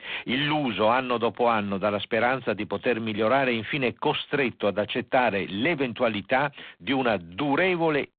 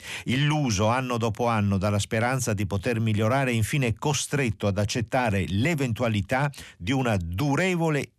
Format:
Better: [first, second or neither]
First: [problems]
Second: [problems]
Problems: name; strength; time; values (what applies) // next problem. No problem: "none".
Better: second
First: phone-call audio; poor line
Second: none